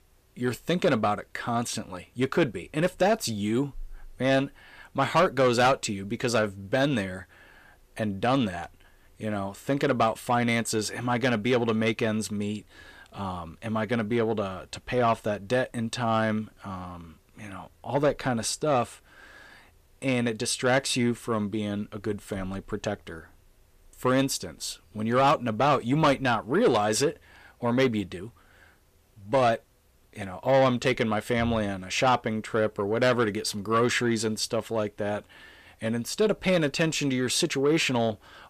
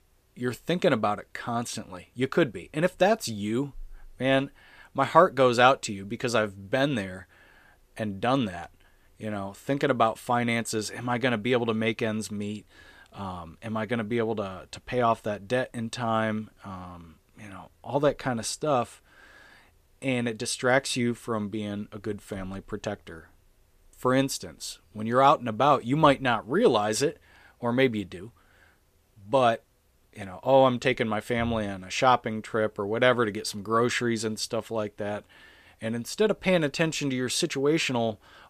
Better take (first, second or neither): second